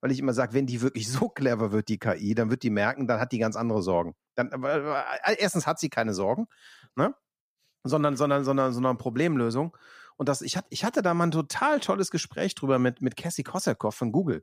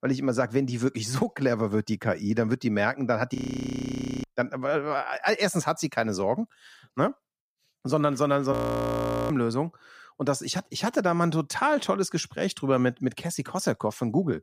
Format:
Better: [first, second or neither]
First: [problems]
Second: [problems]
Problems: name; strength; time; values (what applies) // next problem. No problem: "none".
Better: first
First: none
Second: audio freezing; at 3.5 s for 1 s and at 8.5 s for 1 s